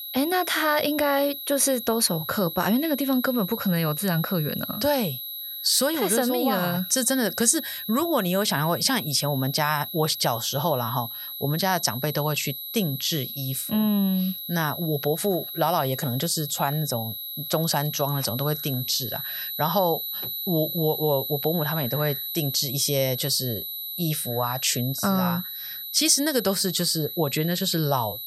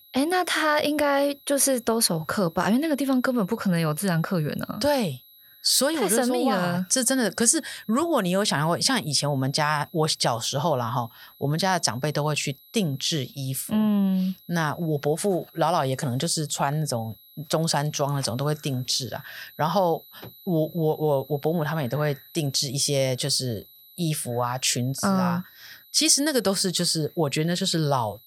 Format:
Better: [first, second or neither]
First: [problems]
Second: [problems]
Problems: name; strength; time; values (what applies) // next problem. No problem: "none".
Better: second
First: high-pitched whine; loud; throughout; 12 kHz, 7 dB below the speech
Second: high-pitched whine; faint; throughout; 12 kHz, 25 dB below the speech